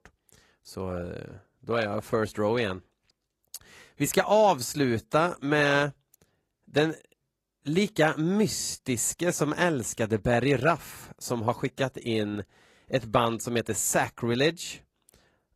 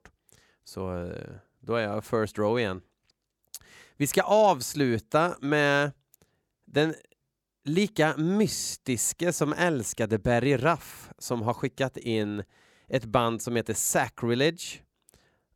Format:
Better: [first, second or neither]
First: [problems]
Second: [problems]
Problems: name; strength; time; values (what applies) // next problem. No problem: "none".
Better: second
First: garbled, watery; slightly; nothing above 13 kHz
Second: none